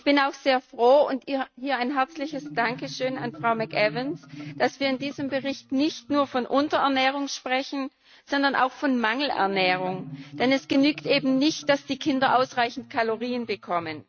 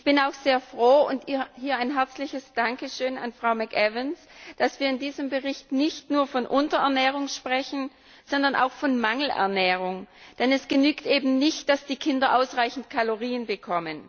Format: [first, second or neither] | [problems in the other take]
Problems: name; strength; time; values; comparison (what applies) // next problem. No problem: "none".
second | noise reduction (neural mask model RNNoise)